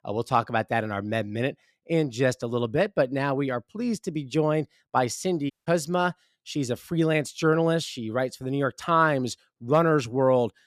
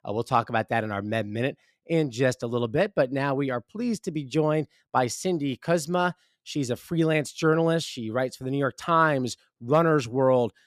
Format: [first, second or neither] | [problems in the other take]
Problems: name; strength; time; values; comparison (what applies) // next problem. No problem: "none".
second | audio cutting out; at 5.5 s